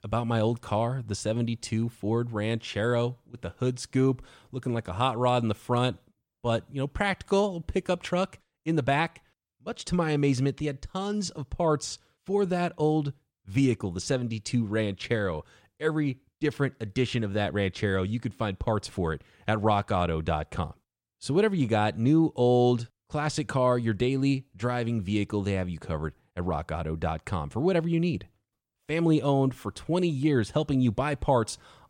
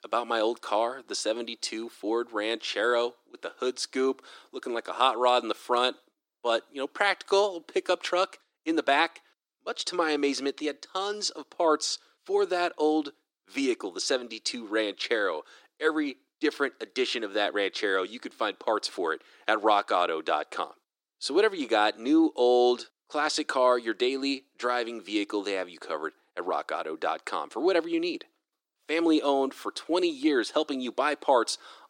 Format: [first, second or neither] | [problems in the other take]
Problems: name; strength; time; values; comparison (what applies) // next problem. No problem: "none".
first | thin; somewhat; fading below 300 Hz